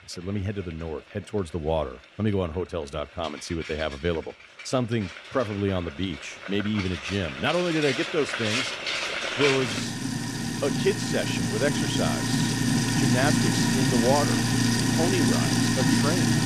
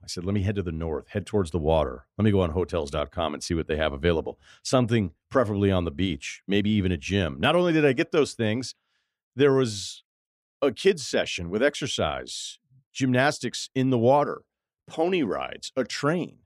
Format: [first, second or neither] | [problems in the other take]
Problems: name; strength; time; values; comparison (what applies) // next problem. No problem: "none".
second | household noises; very loud; throughout; 3 dB above the speech